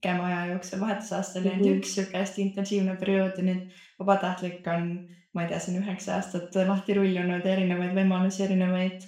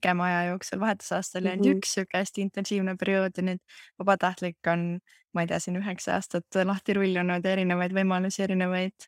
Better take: second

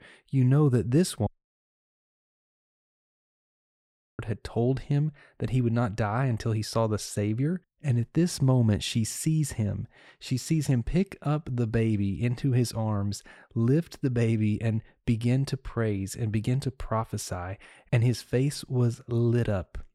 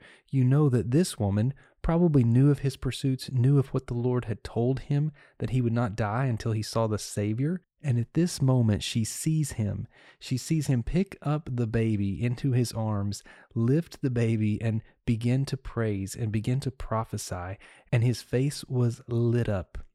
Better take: second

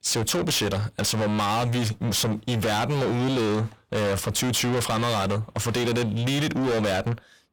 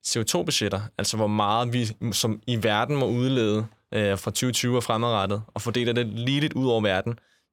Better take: second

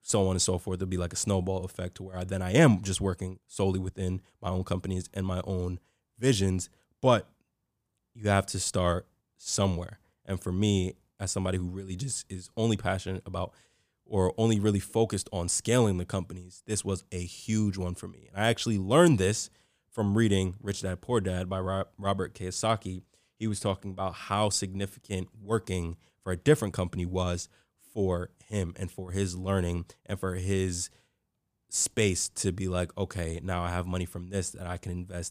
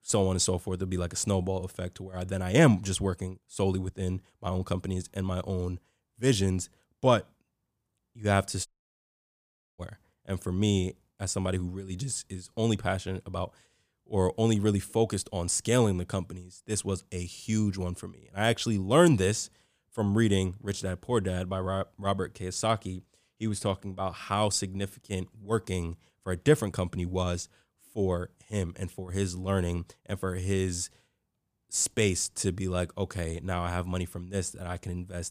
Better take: first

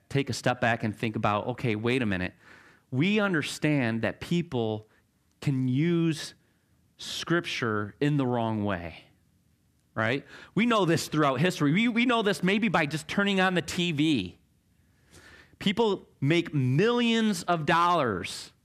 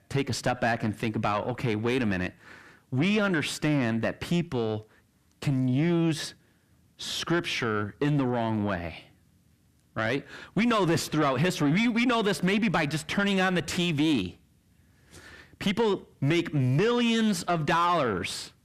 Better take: first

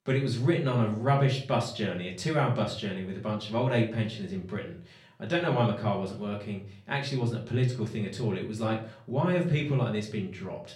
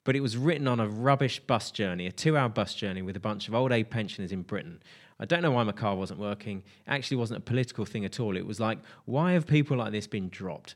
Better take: second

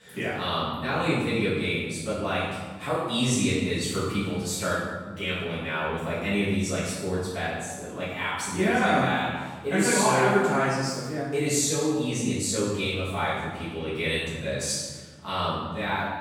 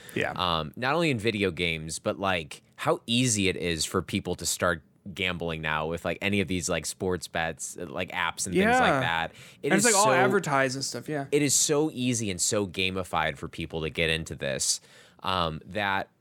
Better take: second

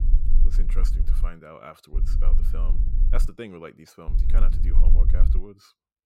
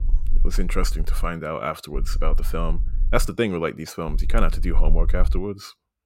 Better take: second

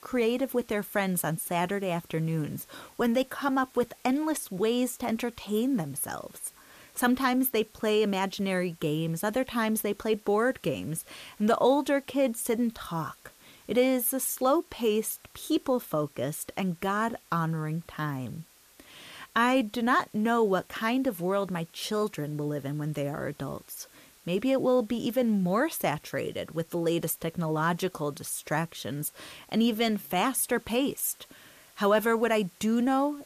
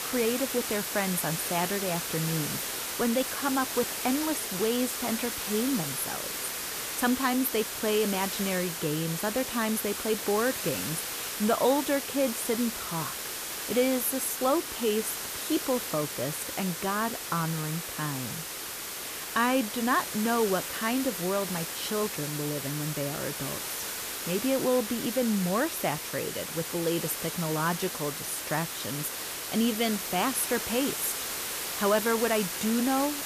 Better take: first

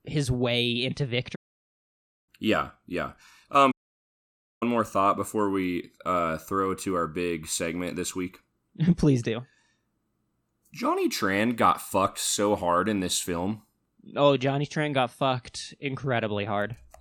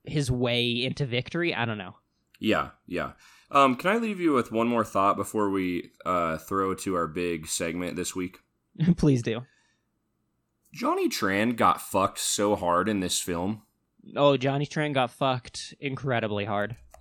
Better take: second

